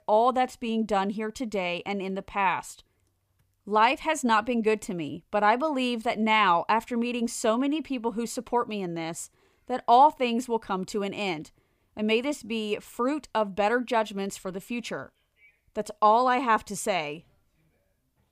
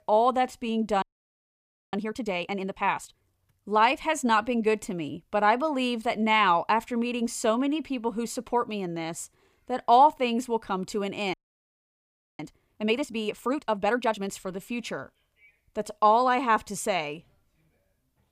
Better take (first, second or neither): first